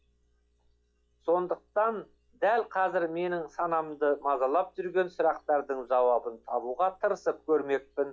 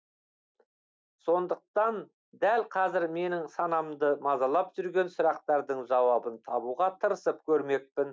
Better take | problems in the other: second | noise reduction (classical method log-MMSE)

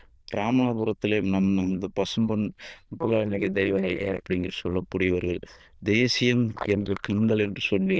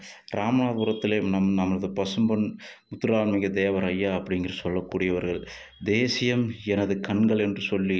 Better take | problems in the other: second | noise reduction (neural diffusion model UNIVERSE++)

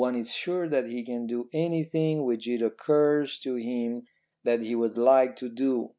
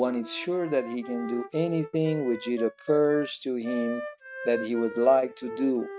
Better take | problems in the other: first | noise reduction (neural mask model RNNoise)

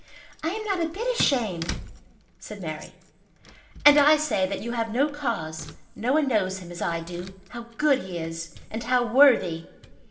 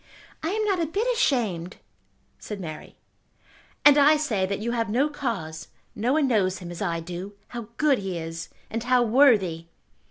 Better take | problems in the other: second | background sound (Keys jangling); 17 dB below the speech // room echo; dies away in 0.6 s

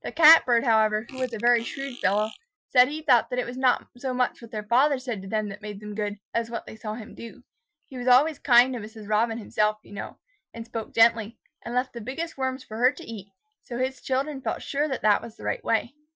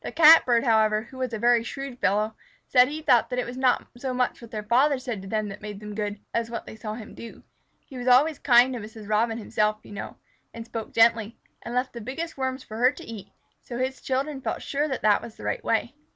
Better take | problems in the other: second | noise reduction (classical method Wiener filter)

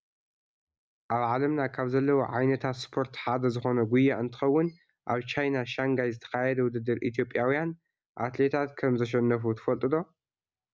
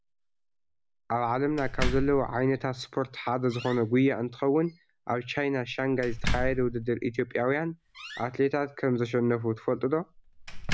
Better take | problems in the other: first | background sound (Slam); 8 dB below the speech

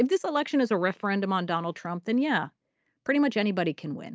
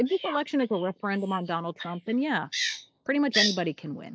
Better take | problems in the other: first | noise reduction (neural mask model Resemble Enhance denoiser)

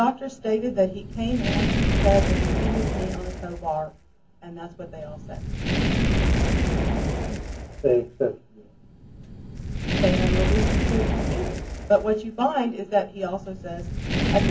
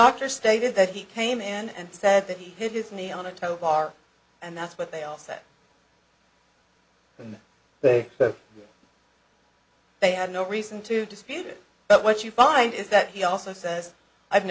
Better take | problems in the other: second | background sound (Fire); 2 dB above the speech // room echo; dies away in 0.3 s

